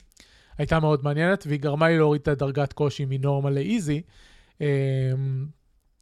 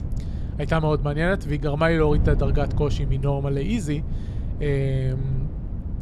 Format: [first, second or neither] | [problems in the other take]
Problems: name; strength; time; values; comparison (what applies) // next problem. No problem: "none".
first | wind noise on the microphone; occasional gusts; 15 dB below the speech